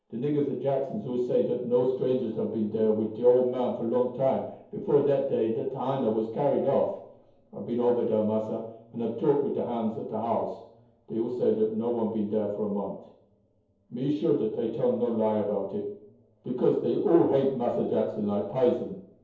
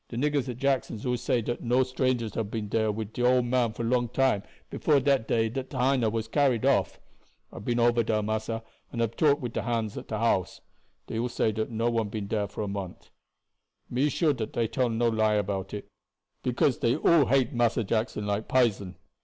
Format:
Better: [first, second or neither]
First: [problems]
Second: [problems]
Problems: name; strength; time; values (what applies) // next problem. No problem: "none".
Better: second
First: room echo; dies away in 0.7 s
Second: none